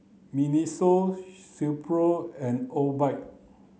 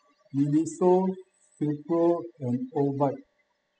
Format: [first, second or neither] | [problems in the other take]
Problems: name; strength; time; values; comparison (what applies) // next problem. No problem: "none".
first | noise reduction (classical method spectral subtraction)